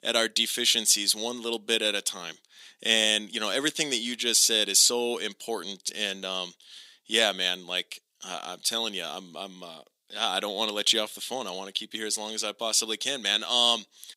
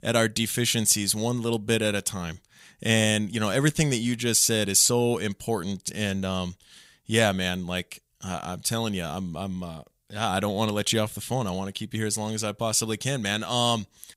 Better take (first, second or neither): second